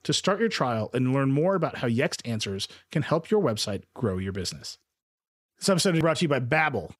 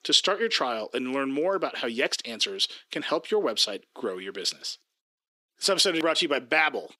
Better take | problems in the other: first | thin; somewhat; fading below 300 Hz

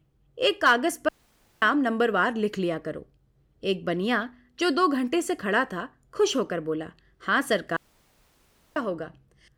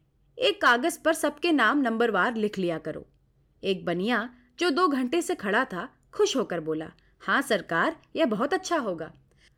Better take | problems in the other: second | audio cutting out; at 1 s for 0.5 s and at 8 s for 1 s

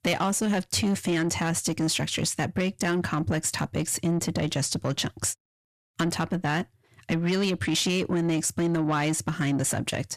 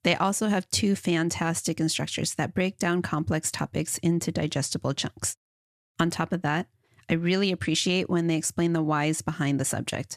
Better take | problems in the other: second | distortion; slight; 10 dB below the speech

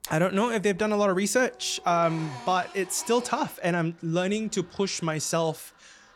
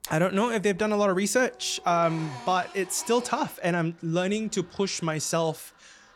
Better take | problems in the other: neither | household noises; faint; throughout; 20 dB below the speech; the same in both

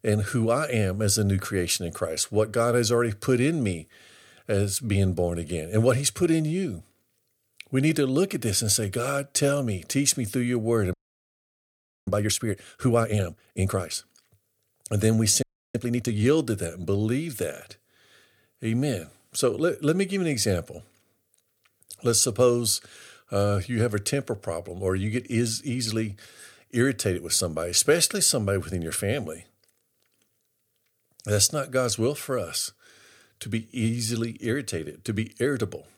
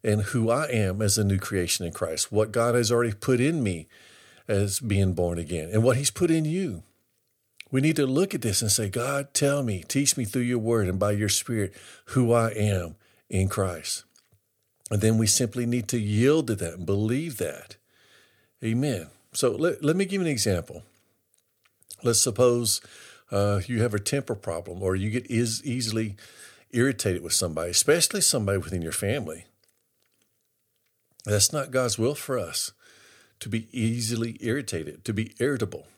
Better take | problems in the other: second | audio freezing; at 11 s for 1 s and at 15 s

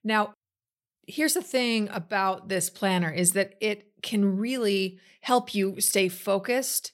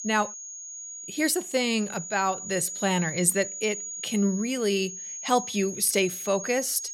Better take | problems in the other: first | high-pitched whine; loud; throughout; 7 kHz, 8 dB below the speech

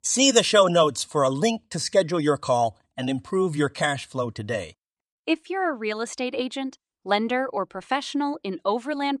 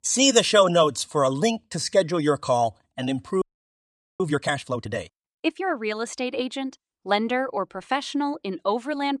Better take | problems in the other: first | audio freezing; at 3.5 s for 1 s

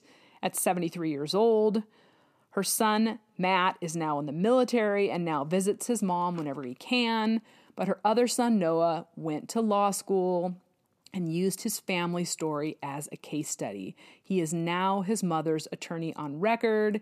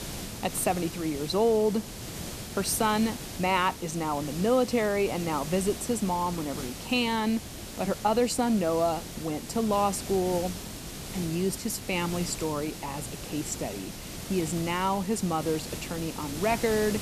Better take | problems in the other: first | hiss; loud; throughout; 9 dB below the speech

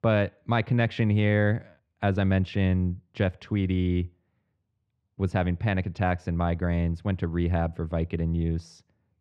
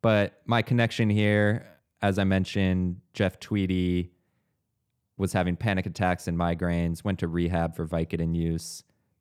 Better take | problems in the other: second | muffled; slightly; fading above 3.5 kHz

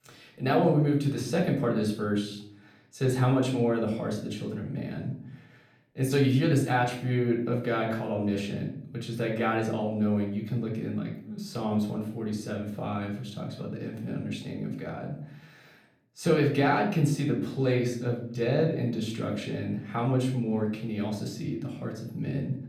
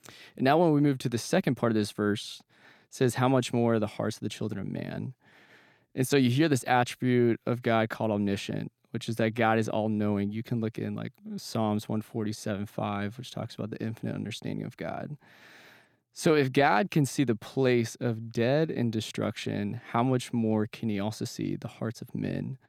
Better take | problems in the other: second | off-mic speech; far // room echo; slight; dies away in 0.6 s

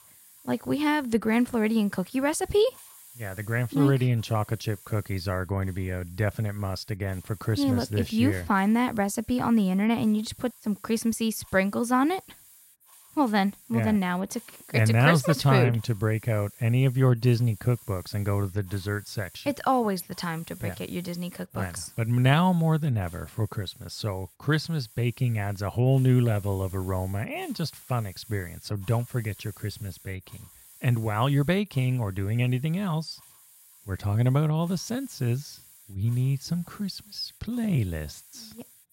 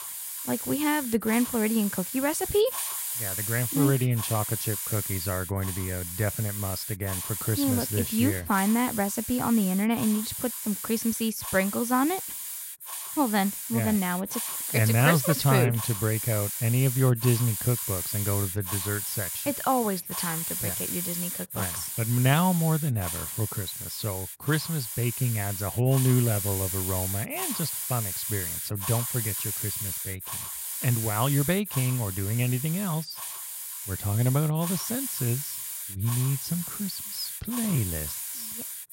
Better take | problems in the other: first | hiss; loud; throughout; 3 dB below the speech; faint in the first

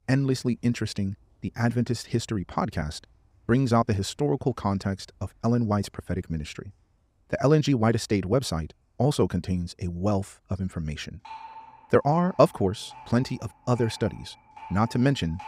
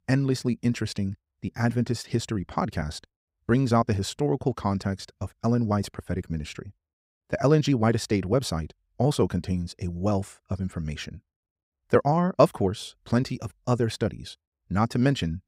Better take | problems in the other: second | rain or running water; faint; throughout; 20 dB below the speech

